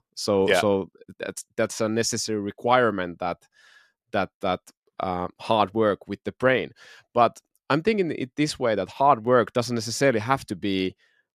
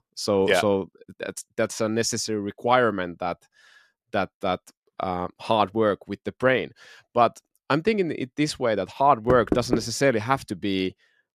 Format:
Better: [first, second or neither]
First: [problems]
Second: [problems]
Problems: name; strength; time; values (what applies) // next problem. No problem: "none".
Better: first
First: none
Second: door banging; noticeable; at 9.5 s; peak 2 dB below the speech